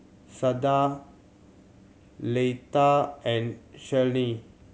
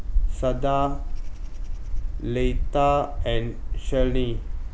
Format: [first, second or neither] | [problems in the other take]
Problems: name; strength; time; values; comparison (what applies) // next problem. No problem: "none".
first | background sound (Wind); 2 dB above the speech